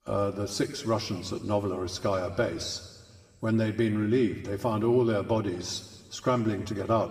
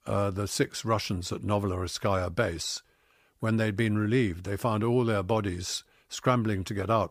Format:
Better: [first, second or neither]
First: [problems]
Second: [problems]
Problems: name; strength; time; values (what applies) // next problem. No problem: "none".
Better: second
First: room echo; slight; dies away in 1.5 s // off-mic speech; somewhat distant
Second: none